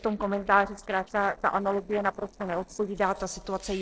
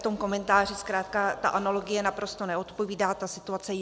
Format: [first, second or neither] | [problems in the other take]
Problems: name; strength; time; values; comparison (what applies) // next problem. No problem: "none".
second | noise reduction (neural separator model SepFormer DNS4)